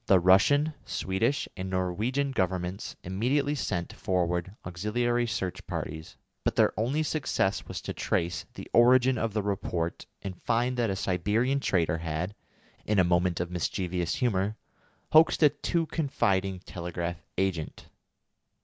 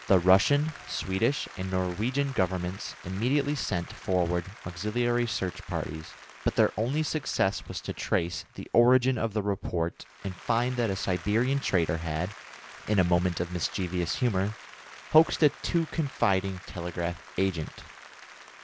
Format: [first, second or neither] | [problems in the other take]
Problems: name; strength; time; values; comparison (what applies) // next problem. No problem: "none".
first | background sound (Applause); 19 dB below the speech